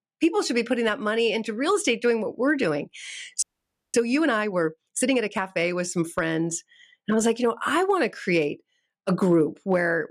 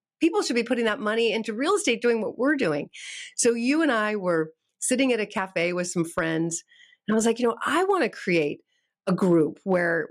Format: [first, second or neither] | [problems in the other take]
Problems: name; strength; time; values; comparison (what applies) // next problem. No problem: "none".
second | audio freezing; at 3.5 s for 0.5 s